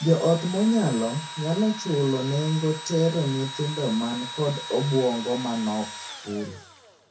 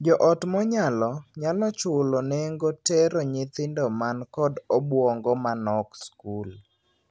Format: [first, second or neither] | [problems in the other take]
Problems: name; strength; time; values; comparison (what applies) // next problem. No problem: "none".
second | background sound (Engine / Drill); 12 dB below the speech // room echo; dies away in 0.3 s